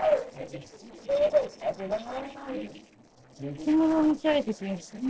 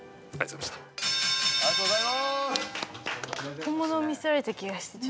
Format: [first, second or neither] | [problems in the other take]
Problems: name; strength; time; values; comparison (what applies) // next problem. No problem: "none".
second | noise reduction (neural separator model SepFormer DNS4)